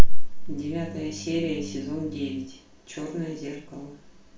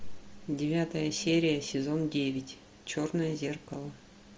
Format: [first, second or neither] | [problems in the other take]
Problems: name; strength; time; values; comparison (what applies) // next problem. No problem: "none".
second | background sound (Organ); 20 dB below the speech // room echo; dies away in 0.3 s